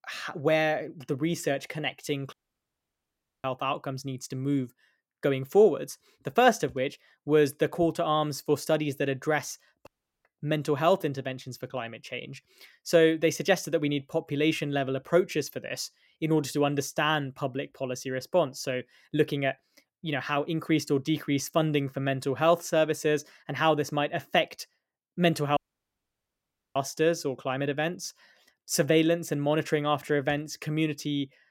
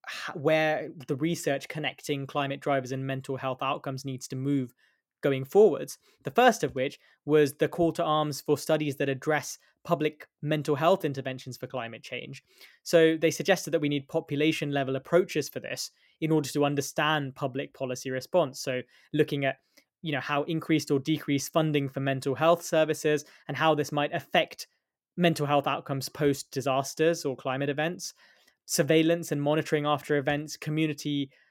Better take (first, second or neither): second